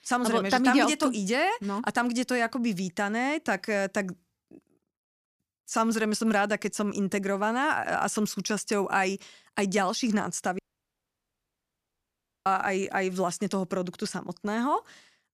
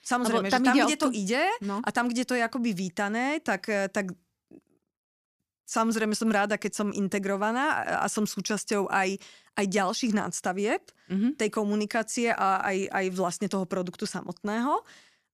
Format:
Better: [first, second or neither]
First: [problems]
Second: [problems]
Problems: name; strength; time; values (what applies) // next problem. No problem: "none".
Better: second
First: audio cutting out; at 11 s for 2 s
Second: none